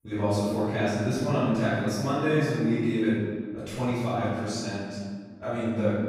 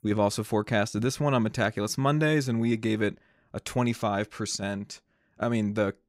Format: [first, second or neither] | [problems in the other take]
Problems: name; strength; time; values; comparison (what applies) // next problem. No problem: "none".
second | off-mic speech; far // room echo; strong; dies away in 1.6 s